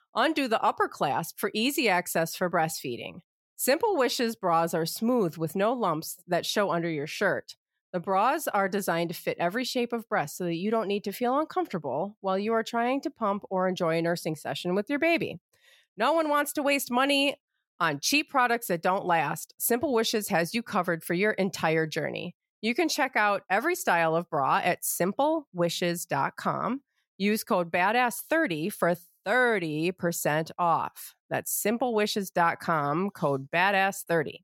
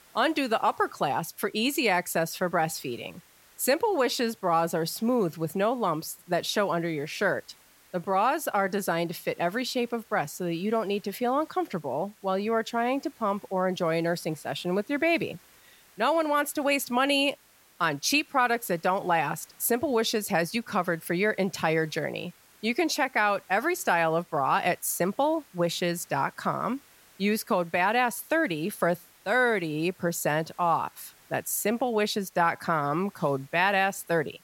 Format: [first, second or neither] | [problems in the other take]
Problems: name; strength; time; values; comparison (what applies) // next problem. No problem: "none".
first | hiss; faint; throughout; 30 dB below the speech